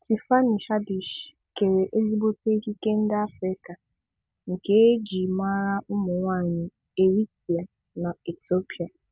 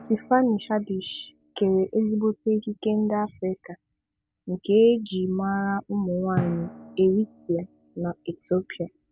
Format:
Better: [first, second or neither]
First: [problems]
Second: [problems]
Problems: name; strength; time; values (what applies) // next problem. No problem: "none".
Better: first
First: none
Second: background sound (Drum); 18 dB below the speech